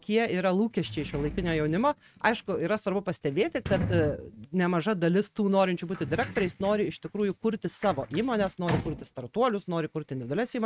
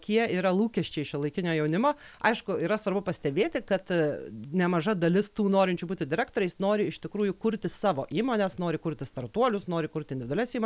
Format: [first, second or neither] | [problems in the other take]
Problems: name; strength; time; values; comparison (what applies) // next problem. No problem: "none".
second | noise reduction (neural mask model RNNoise)